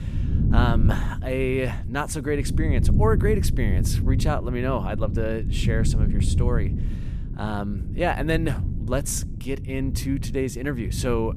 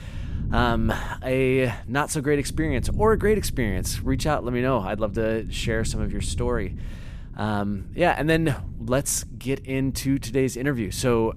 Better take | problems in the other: second | low rumble; loud; throughout; 10 dB below the speech; faint in the second

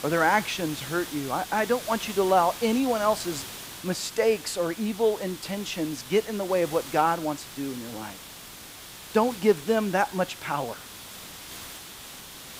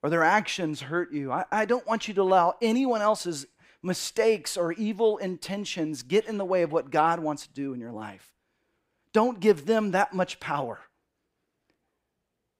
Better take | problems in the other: second | hiss; noticeable; throughout; 10 dB below the speech

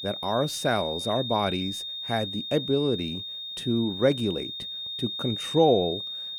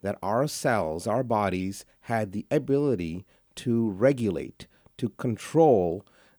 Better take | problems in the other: second | high-pitched whine; loud; throughout; 3.5 kHz, 5 dB below the speech

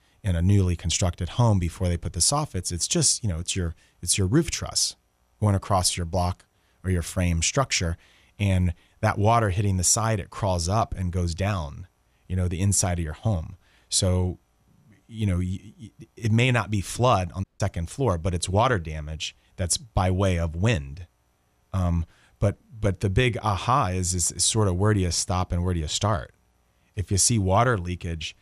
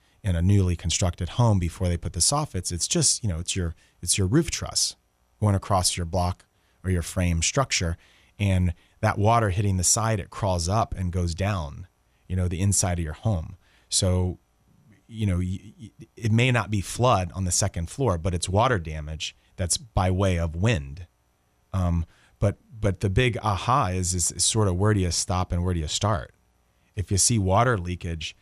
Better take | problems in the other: second | audio cutting out; at 17 s

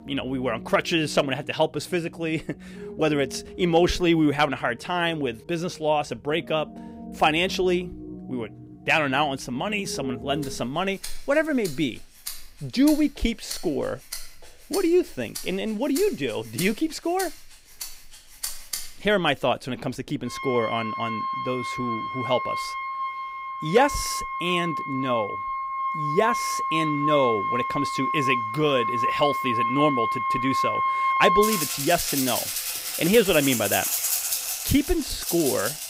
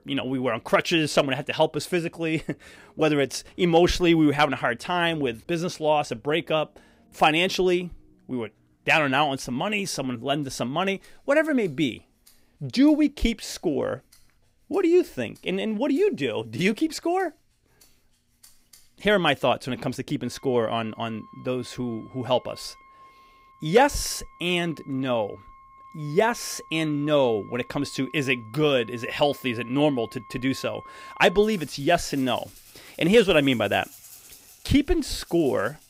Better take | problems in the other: second | background music; loud; throughout; 3 dB below the speech; faint in the second

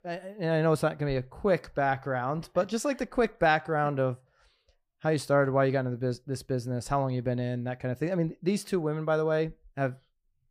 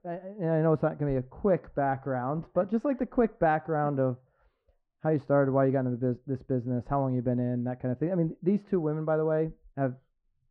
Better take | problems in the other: first | muffled; very; fading above 1 kHz

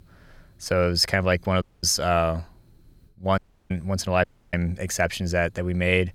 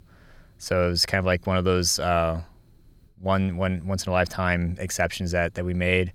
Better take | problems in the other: second | audio cutting out; at 1.5 s, at 3.5 s and at 4 s

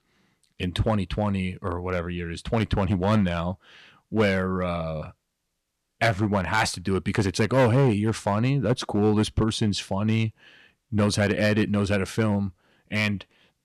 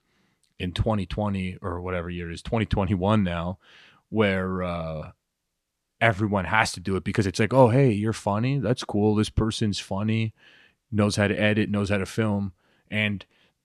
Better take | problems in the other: second | distortion; slight; 3% of the sound clipped

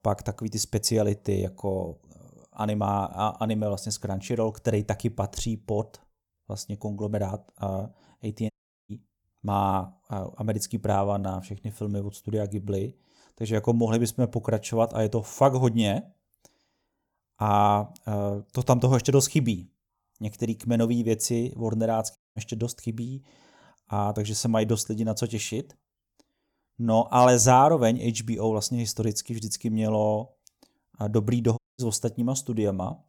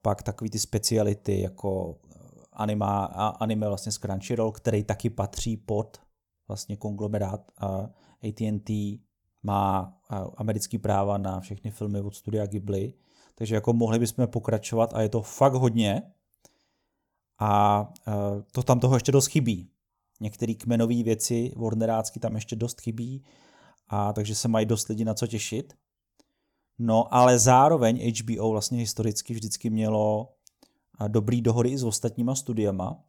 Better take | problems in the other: second | audio cutting out; at 8.5 s, at 22 s and at 32 s

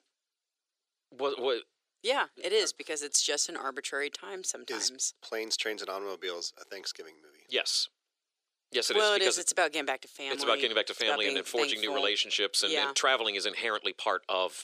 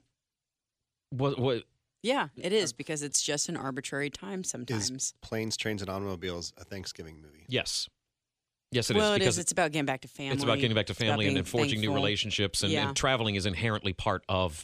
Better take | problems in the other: second | thin; very; fading below 400 Hz

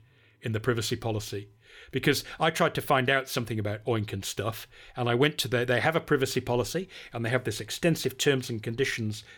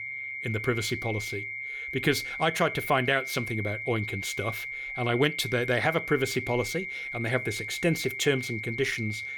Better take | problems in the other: first | high-pitched whine; loud; throughout; 2 kHz, 5 dB below the speech

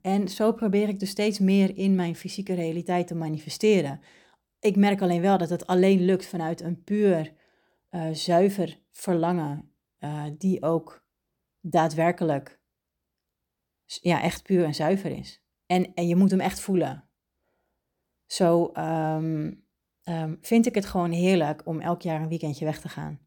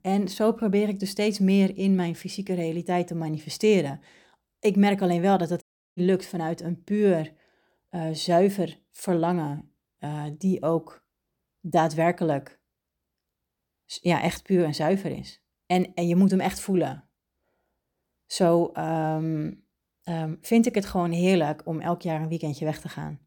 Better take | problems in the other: first | audio cutting out; at 5.5 s

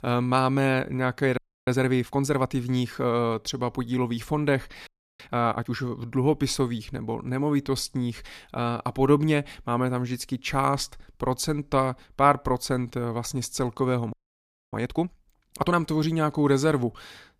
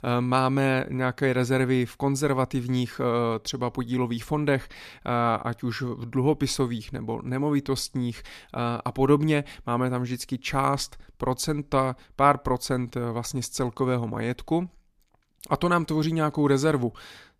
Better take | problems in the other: second | audio freezing; at 1.5 s, at 5 s and at 14 s for 0.5 s

